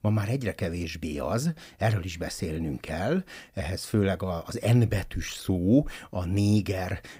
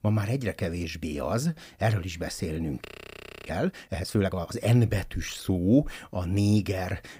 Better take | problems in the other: first | audio freezing; at 3 s for 0.5 s

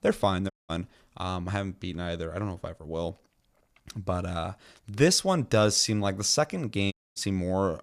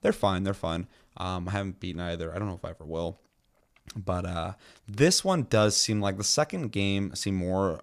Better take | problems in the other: second | audio cutting out; at 0.5 s and at 7 s

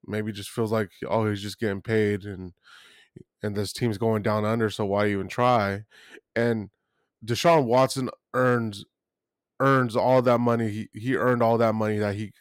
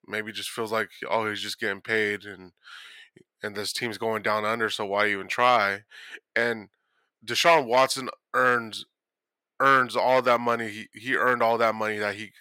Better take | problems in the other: first | thin; somewhat; fading below 800 Hz

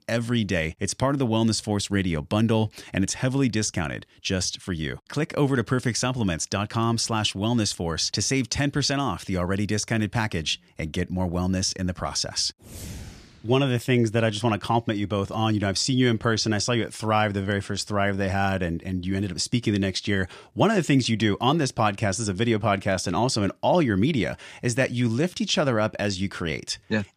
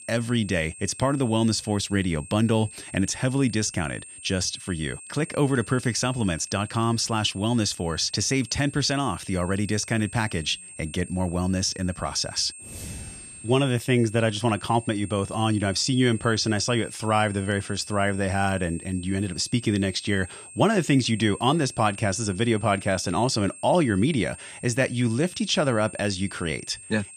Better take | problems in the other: first | high-pitched whine; noticeable; throughout; 8.5 kHz, 15 dB below the speech

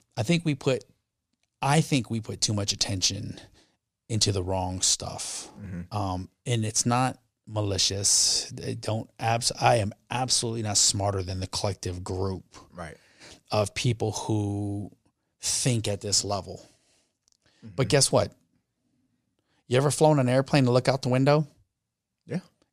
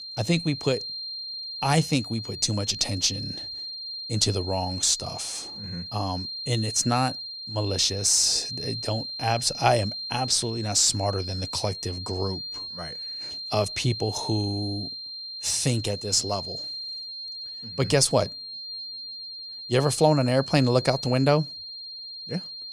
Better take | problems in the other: first | high-pitched whine; loud; throughout; 4 kHz, 8 dB below the speech

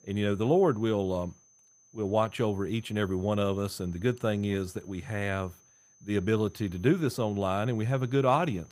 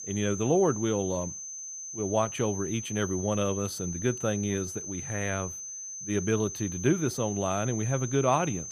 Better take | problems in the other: first | high-pitched whine; loud; throughout; 6 kHz, 7 dB below the speech; faint in the first

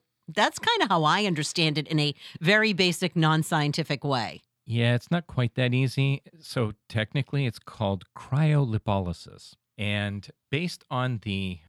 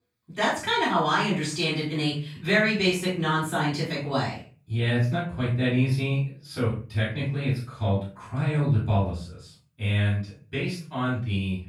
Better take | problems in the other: first | off-mic speech; far // room echo; noticeable; dies away in 0.3 s

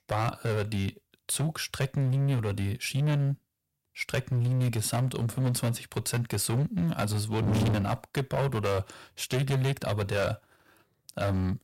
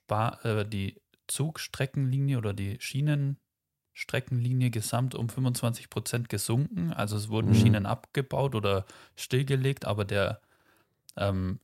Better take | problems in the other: second | distortion; heavy; 15% of the sound clipped

